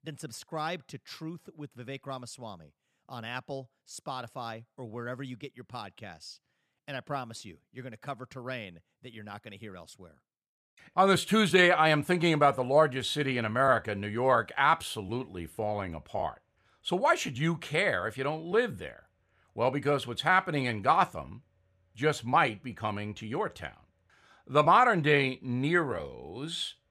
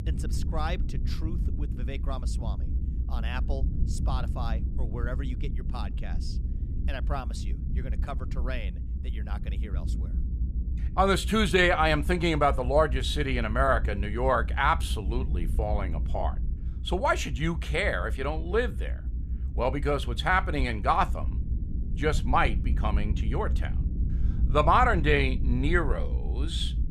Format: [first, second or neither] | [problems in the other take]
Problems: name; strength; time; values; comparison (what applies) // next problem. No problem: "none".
first | low rumble; faint; throughout; 20 dB below the speech